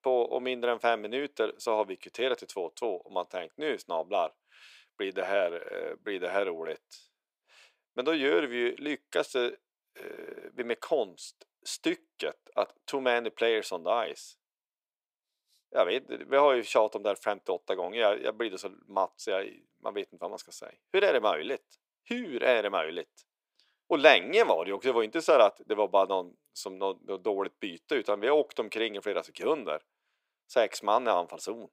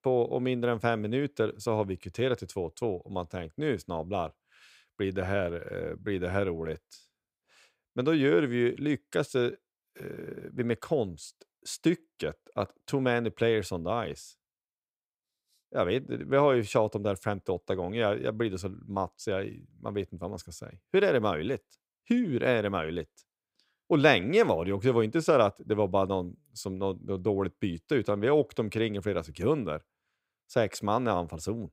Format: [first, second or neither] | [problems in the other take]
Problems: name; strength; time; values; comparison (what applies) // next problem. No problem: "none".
second | thin; somewhat; fading below 350 Hz